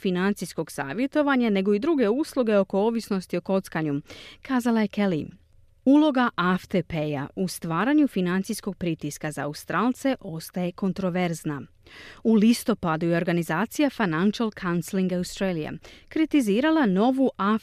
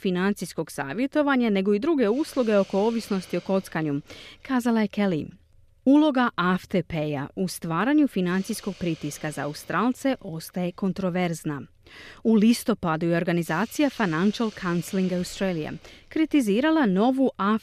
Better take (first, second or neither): first